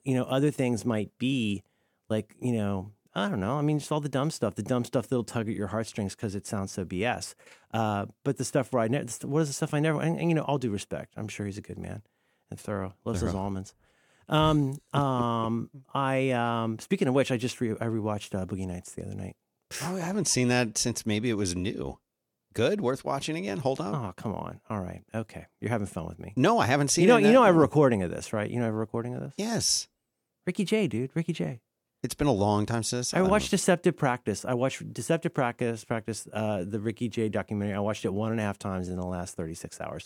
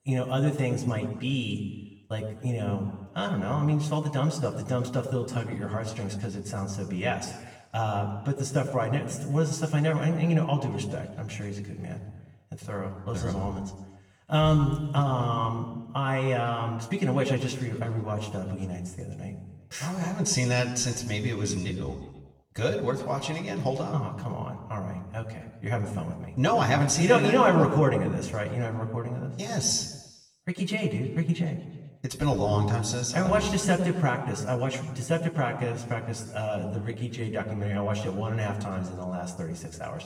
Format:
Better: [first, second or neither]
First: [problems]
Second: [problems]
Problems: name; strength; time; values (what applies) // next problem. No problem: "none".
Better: first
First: none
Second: room echo; slight; dies away in 1.2 s // off-mic speech; somewhat distant